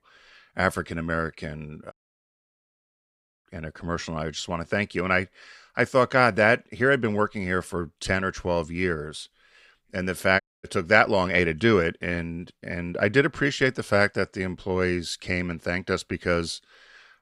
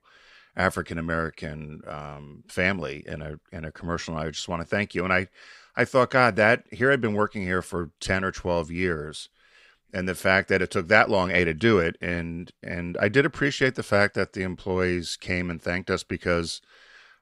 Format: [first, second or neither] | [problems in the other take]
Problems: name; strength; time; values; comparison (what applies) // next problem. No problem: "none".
second | audio cutting out; at 2 s for 1.5 s and at 10 s